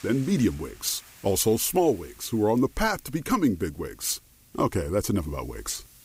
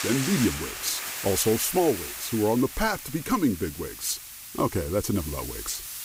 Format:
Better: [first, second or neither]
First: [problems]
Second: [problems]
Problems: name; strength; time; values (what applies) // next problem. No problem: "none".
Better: first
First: hiss; faint; throughout; 25 dB below the speech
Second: hiss; loud; throughout; 7 dB below the speech